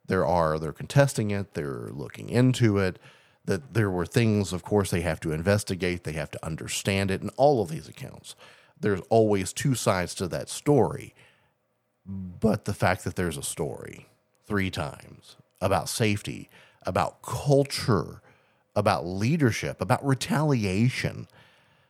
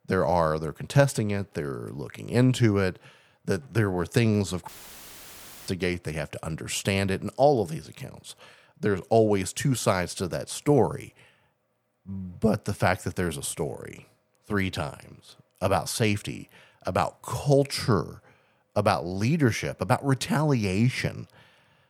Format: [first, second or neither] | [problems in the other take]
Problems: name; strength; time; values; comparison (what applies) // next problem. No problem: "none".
first | audio cutting out; filled with static; at 4.5 s for 1 s